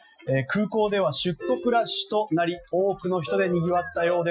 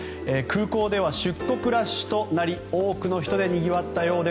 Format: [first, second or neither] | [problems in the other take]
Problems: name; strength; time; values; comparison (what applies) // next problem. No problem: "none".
second | noise reduction (classical method Wiener filter)